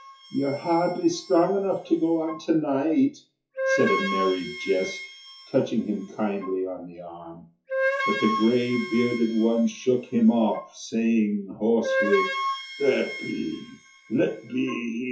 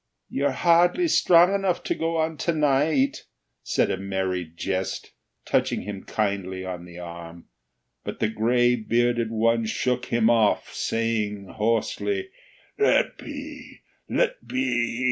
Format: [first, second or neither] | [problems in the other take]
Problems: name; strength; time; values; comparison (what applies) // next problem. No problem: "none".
second | noise reduction (classical method WPE with log-MMSE)